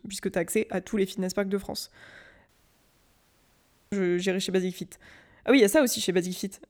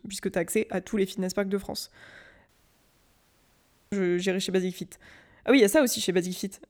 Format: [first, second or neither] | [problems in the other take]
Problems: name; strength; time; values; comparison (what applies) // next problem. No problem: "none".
neither | audio cutting out; at 2.5 s for 1.5 s; the same in both